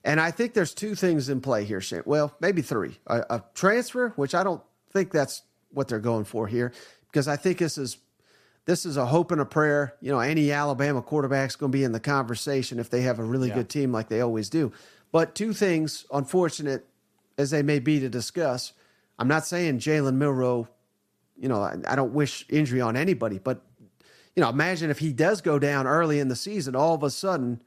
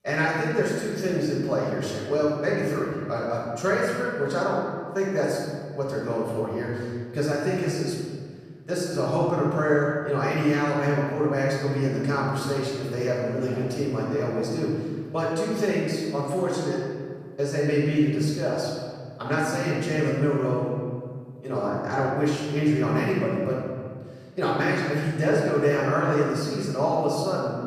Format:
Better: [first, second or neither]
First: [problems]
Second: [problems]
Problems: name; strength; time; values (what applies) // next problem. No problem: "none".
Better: first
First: none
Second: off-mic speech; far // room echo; strong; dies away in 1.8 s